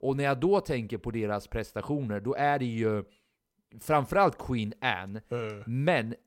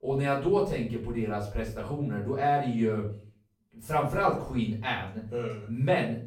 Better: first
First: none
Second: off-mic speech; far // room echo; slight; dies away in 0.4 s

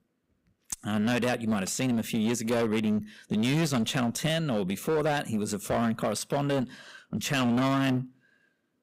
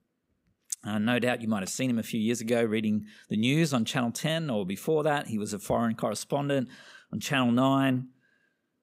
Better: second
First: distortion; slight; 16% of the sound clipped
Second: none

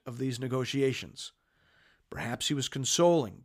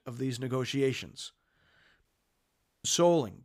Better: first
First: none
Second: audio cutting out; at 2 s for 1 s

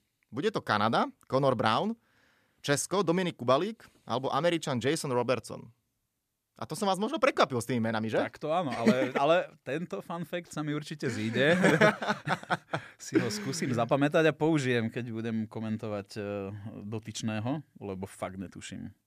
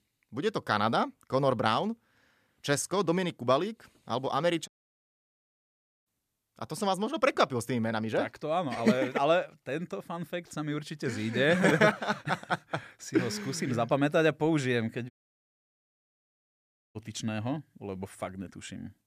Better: first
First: none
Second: audio cutting out; at 4.5 s for 1.5 s and at 15 s for 2 s

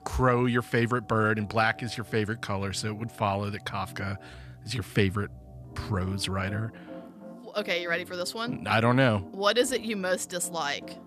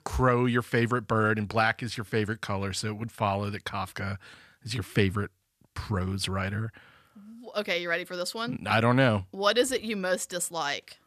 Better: second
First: background music; noticeable; throughout; 20 dB below the speech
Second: none

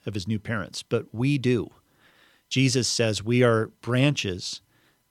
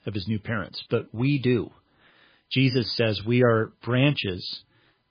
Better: first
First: none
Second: garbled, watery; badly; nothing above 5 kHz

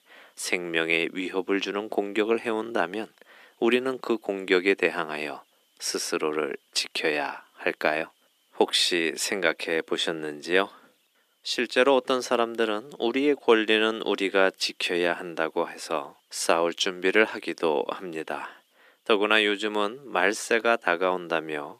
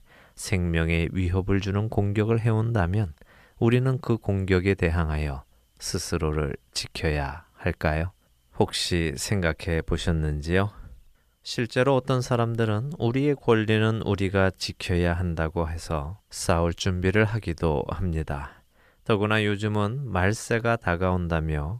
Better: second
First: thin; somewhat; fading below 250 Hz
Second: none

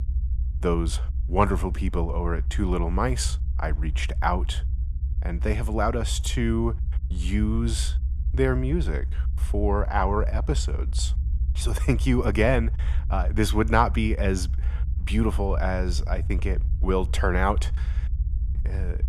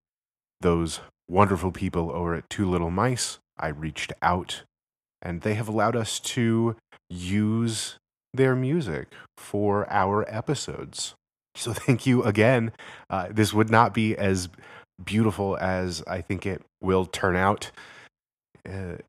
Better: second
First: low rumble; noticeable; throughout; 20 dB below the speech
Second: none

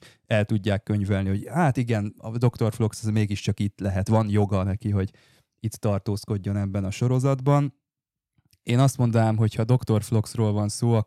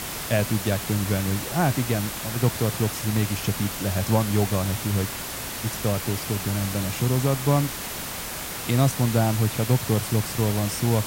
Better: first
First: none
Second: hiss; loud; throughout; 5 dB below the speech

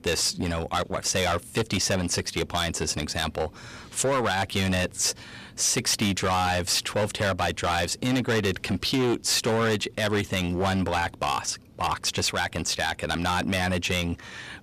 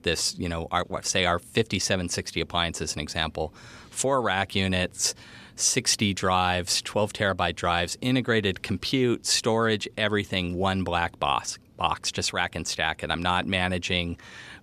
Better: second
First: distortion; heavy; 13% of the sound clipped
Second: none

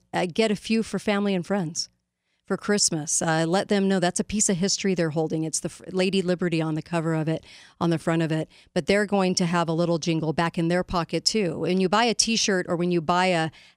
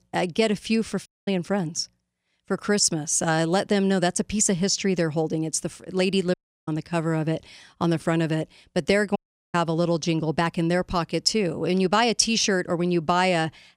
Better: first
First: none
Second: audio cutting out; at 1 s, at 6.5 s and at 9 s

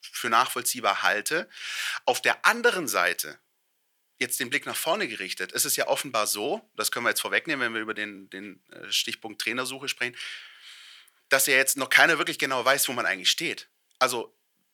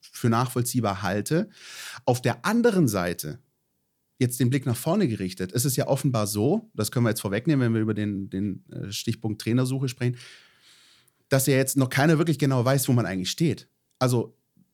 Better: second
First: thin; very; fading below 650 Hz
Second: none

